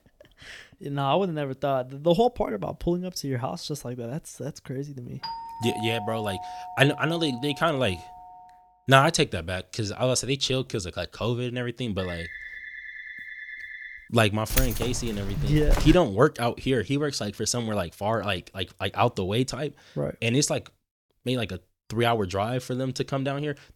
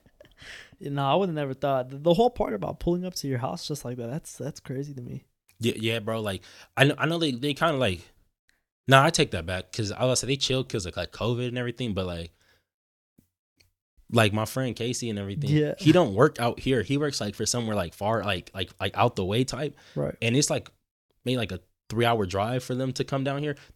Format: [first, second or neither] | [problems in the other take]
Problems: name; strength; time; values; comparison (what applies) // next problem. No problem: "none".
second | doorbell; noticeable; from 5 to 8.5 s; peak 8 dB below the speech // phone ringing; faint; from 12 to 14 s; peak 10 dB below the speech // jangling keys; noticeable; from 15 to 16 s; peak 1 dB below the speech